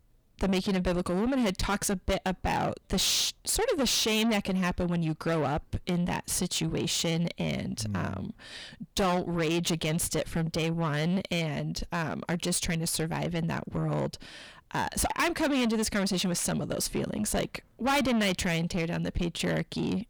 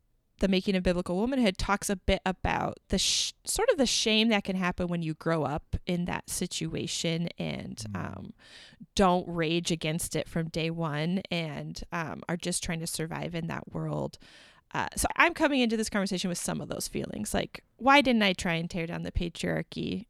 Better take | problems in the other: second | distortion; heavy; 6 dB below the speech

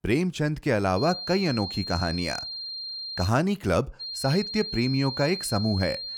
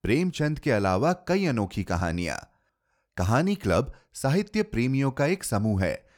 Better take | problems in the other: second | high-pitched whine; loud; from 1 to 3.5 s and from 4 s on; 4 kHz, 6 dB below the speech

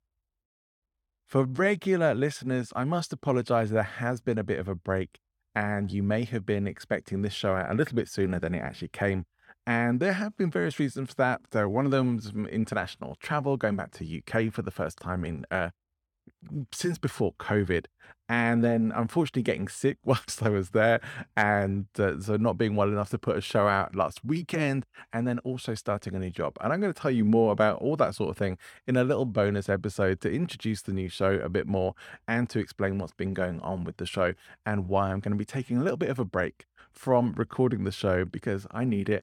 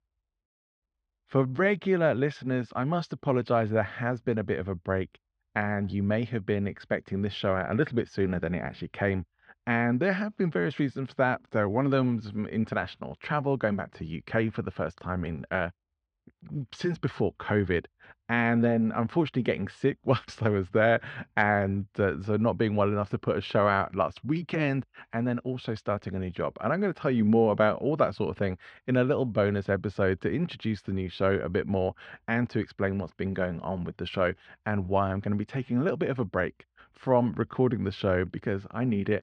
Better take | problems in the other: first | muffled; very slightly; fading above 4 kHz

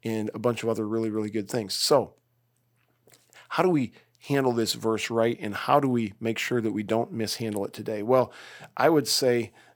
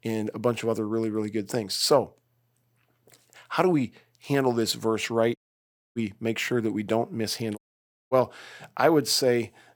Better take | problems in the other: first | audio cutting out; at 5.5 s for 0.5 s and at 7.5 s for 0.5 s

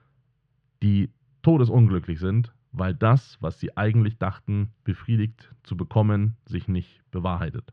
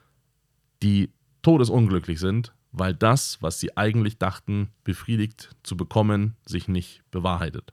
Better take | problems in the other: second | muffled; very; fading above 3 kHz

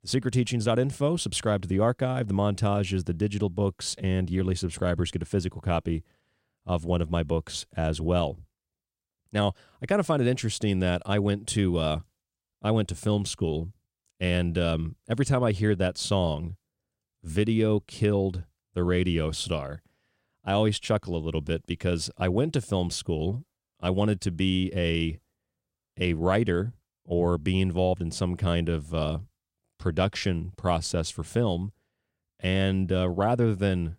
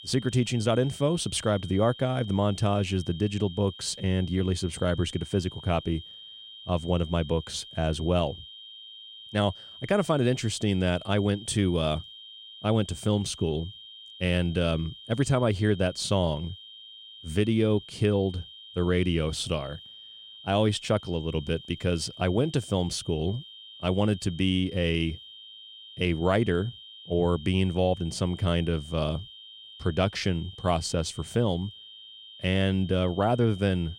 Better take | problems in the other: first | high-pitched whine; noticeable; throughout; 3 kHz, 15 dB below the speech

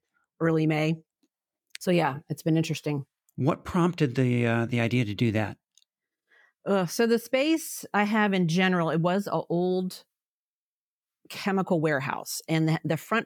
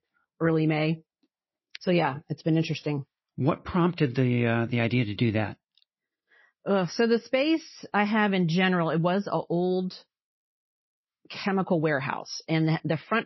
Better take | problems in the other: first | garbled, watery; slightly; nothing above 5.5 kHz

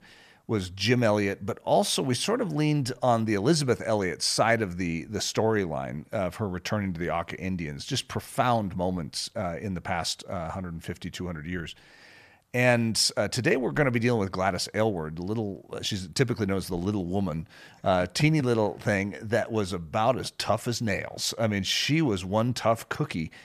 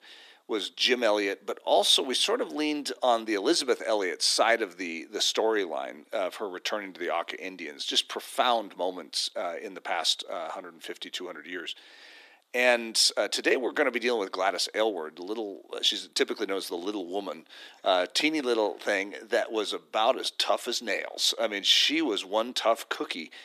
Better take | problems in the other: first | thin; somewhat; fading below 300 Hz

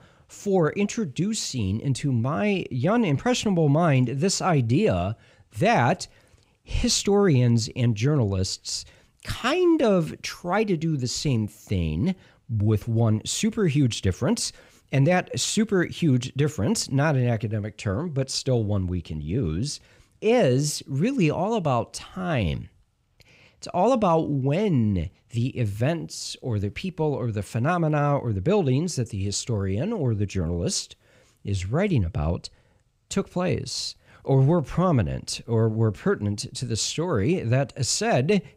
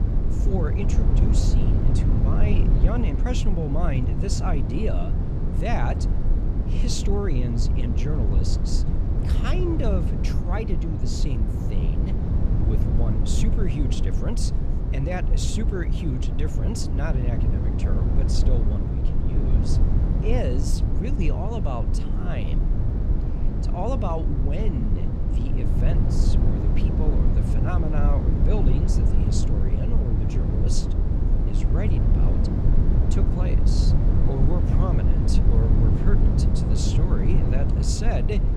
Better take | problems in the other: first | low rumble; loud; throughout; 1 dB below the speech

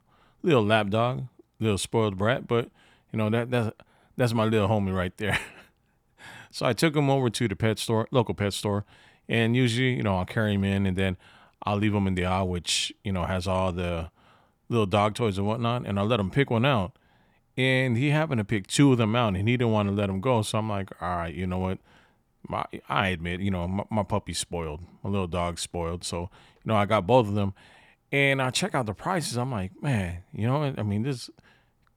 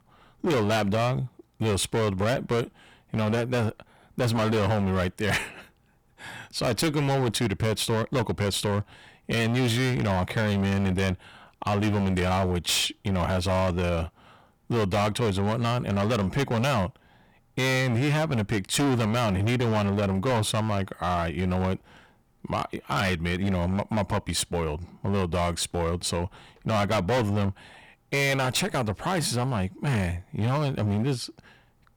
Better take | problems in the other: first | distortion; heavy; 20% of the sound clipped

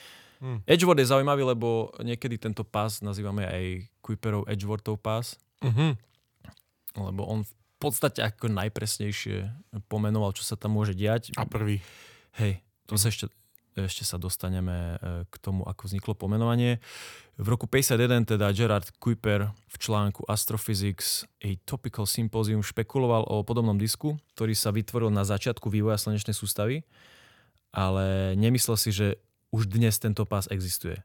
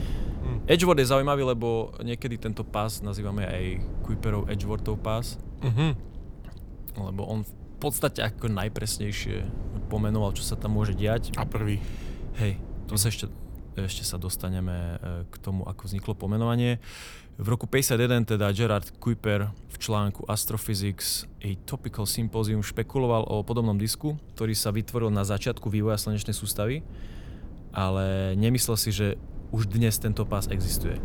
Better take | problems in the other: first | wind noise on the microphone; occasional gusts; 20 dB below the speech

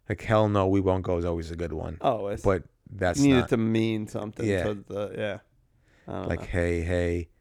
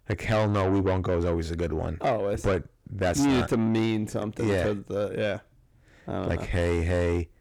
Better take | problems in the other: first | distortion; heavy; 8 dB below the speech

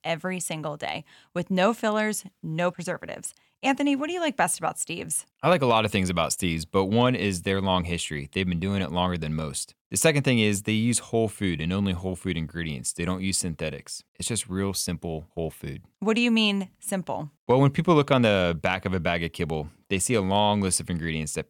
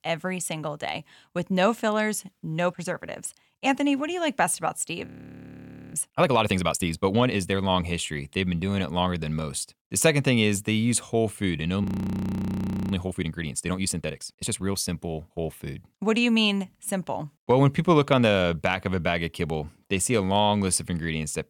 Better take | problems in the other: first | audio freezing; at 5 s for 1 s and at 12 s for 1 s

